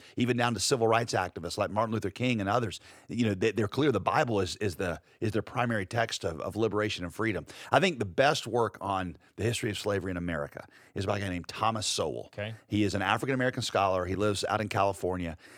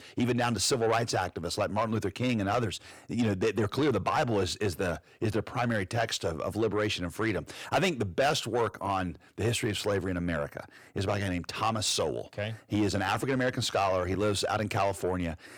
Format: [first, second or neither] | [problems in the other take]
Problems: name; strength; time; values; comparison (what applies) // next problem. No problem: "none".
first | distortion; slight; 10 dB below the speech